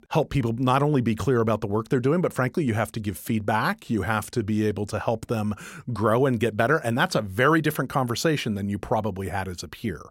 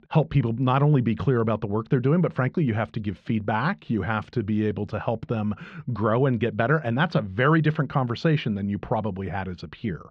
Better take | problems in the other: first | muffled; slightly; fading above 4 kHz

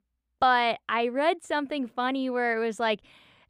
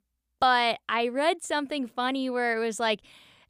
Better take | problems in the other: second | muffled; very slightly; fading above 4 kHz

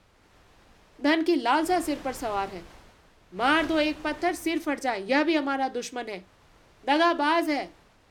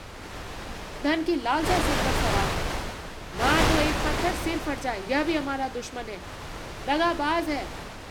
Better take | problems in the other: first | wind noise on the microphone; heavy; 3 dB below the speech; occasional gusts in the first

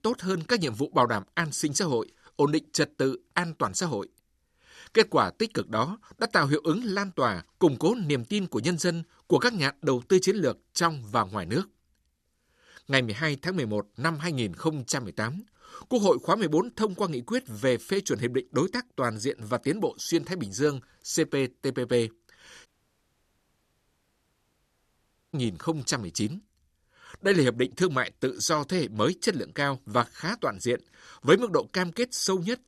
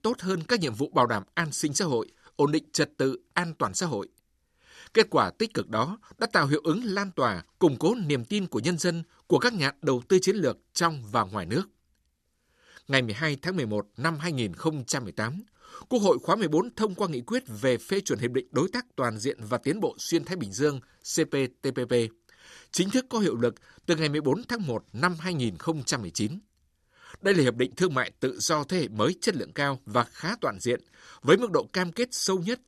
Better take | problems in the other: second | audio cutting out; at 23 s for 2.5 s

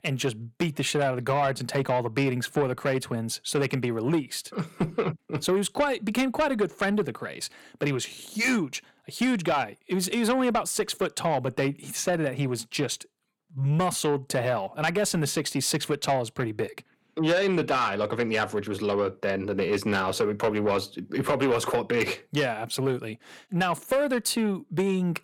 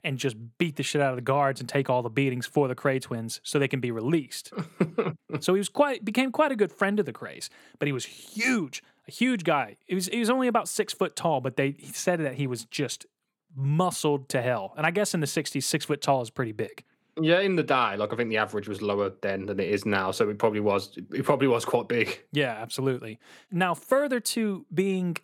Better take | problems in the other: second | distortion; slight; 10 dB below the speech

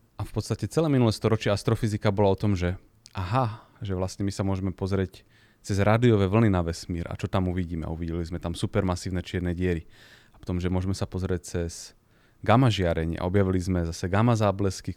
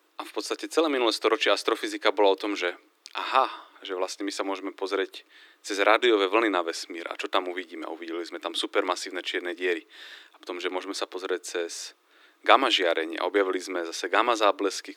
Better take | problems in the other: first | thin; very; fading below 300 Hz

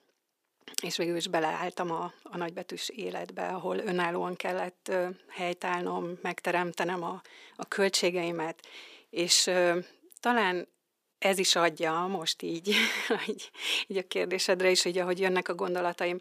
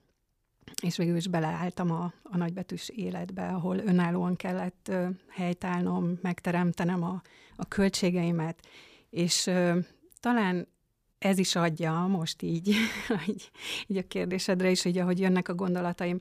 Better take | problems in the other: second | thin; somewhat; fading below 350 Hz

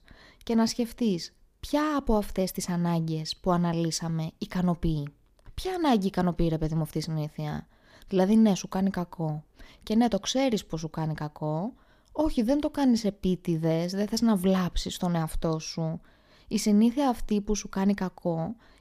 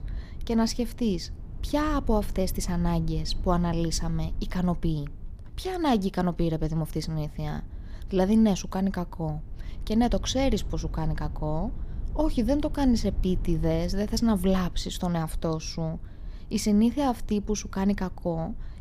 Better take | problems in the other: first | low rumble; faint; throughout; 25 dB below the speech

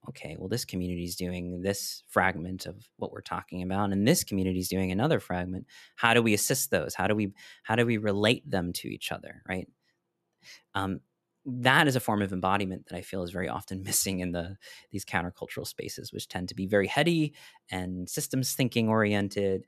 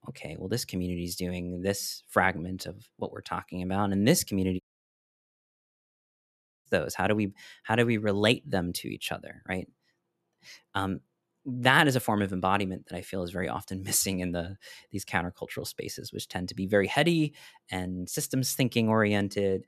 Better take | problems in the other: first | audio cutting out; at 4.5 s for 2 s

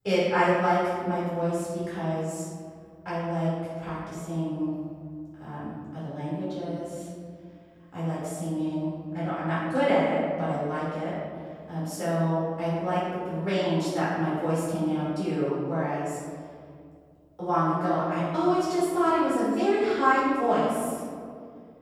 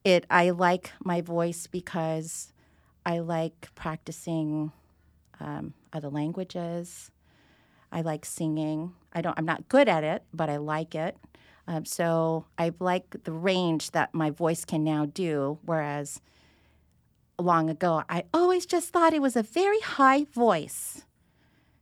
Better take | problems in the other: second | off-mic speech; far // room echo; strong; dies away in 1.9 s

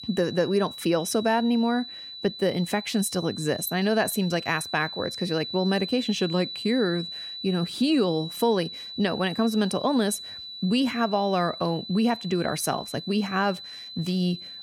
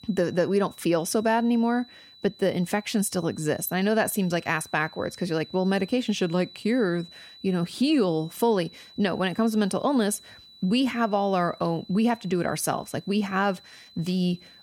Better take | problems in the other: second | high-pitched whine; loud; throughout; 4 kHz, 10 dB below the speech; faint in the second

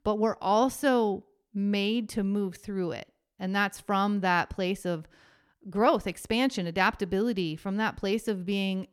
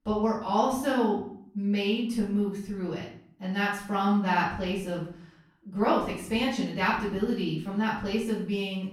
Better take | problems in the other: first | room echo; noticeable; dies away in 0.5 s // off-mic speech; far

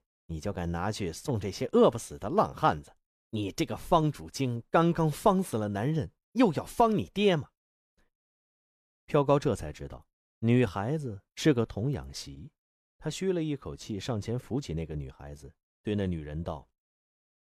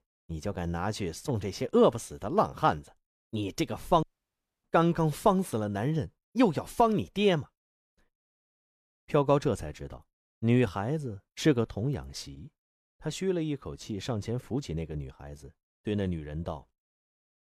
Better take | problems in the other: first | audio cutting out; at 4 s for 0.5 s

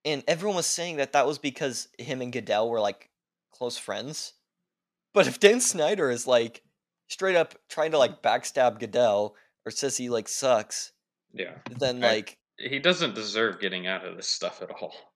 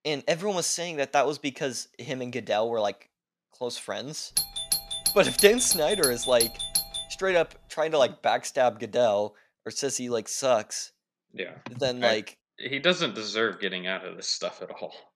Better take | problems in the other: first | doorbell; loud; from 4.5 to 7 s; peak 2 dB above the speech

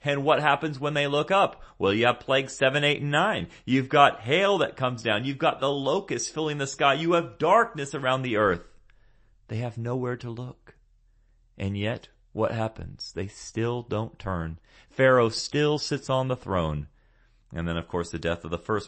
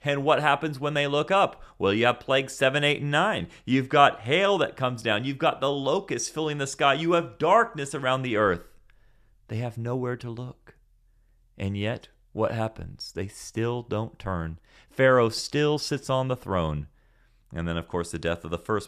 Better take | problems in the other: second | garbled, watery; slightly; nothing above 8 kHz

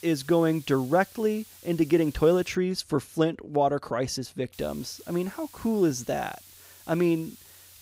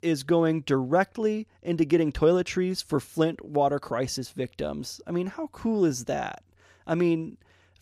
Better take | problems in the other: second | hiss; faint; until 2.5 s and from 4.5 s on; 20 dB below the speech

